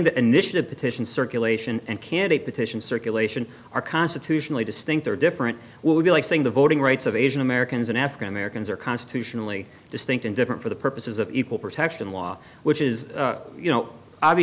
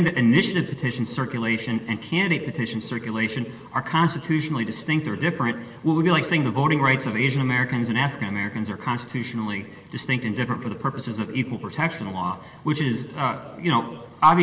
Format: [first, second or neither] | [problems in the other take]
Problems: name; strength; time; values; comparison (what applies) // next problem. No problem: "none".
first | room echo; dies away in 2.1 s